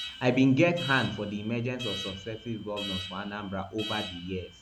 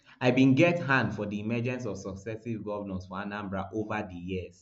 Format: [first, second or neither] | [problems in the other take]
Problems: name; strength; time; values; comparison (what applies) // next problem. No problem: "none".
second | background sound (Alarm); 11 dB below the speech